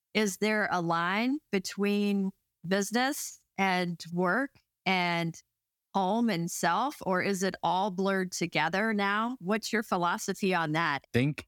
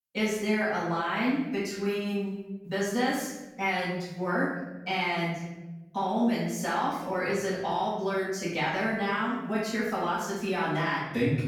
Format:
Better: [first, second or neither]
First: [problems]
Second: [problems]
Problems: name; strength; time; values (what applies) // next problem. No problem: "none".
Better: first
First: none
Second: off-mic speech; far // room echo; noticeable; dies away in 1.1 s